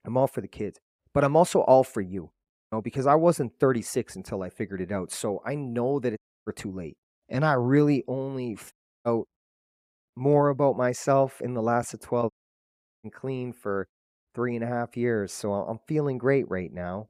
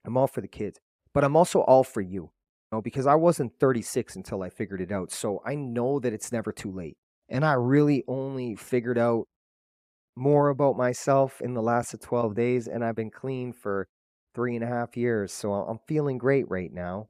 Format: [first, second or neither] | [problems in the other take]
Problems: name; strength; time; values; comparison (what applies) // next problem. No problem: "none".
second | audio cutting out; at 6 s, at 8.5 s and at 12 s for 0.5 s